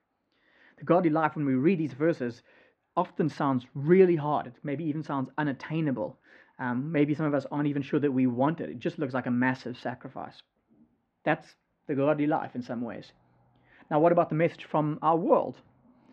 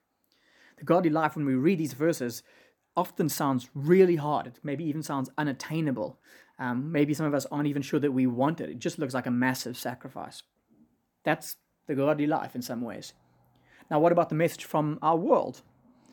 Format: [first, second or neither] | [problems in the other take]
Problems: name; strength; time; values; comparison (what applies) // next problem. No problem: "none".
second | muffled; slightly; fading above 3 kHz